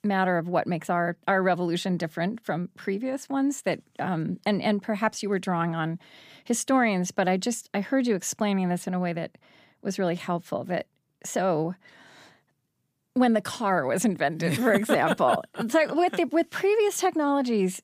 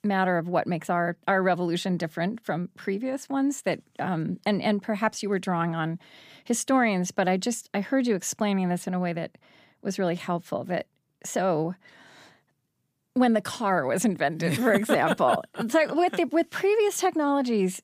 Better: neither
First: none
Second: none

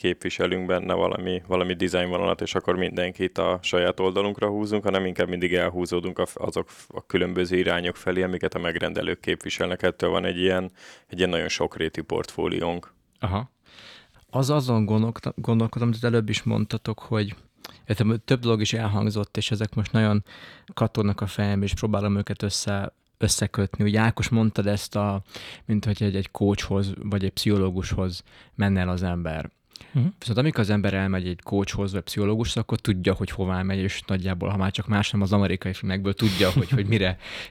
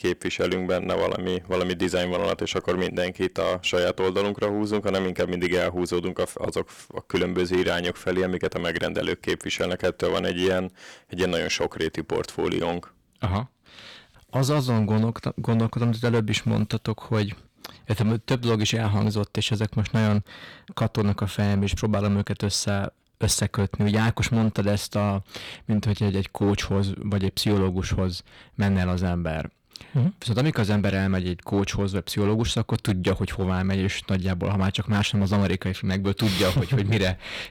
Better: first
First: none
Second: distortion; slight; 7% of the sound clipped

